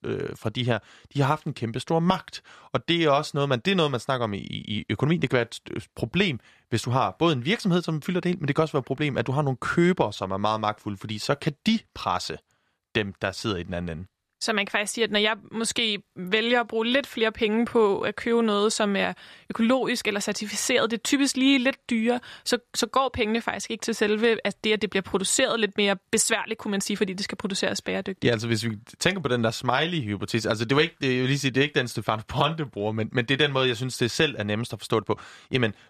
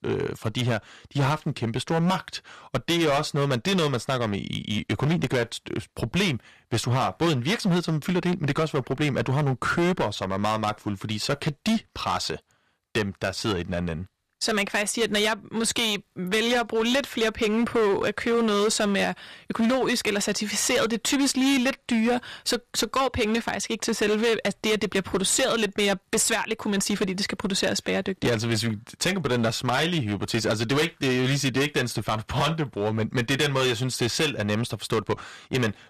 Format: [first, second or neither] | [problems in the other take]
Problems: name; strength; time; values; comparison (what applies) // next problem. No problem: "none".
first | distortion; heavy; 13% of the sound clipped